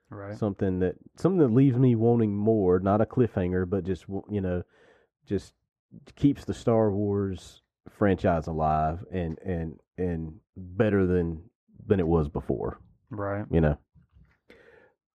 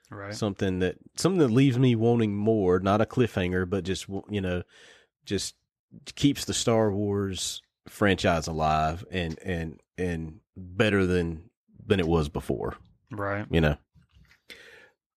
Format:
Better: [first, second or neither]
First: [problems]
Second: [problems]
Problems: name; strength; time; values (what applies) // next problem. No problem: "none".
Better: second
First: muffled; very; fading above 2 kHz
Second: none